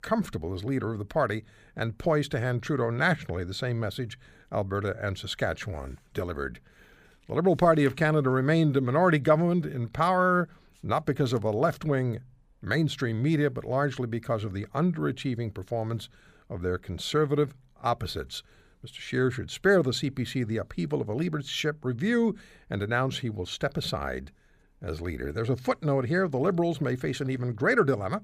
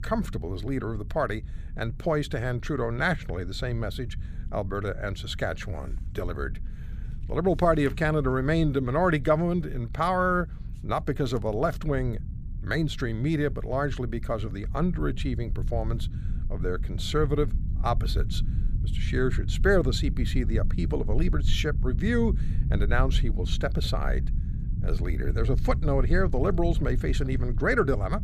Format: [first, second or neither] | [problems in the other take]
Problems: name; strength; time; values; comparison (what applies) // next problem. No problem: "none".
first | low rumble; noticeable; throughout; 20 dB below the speech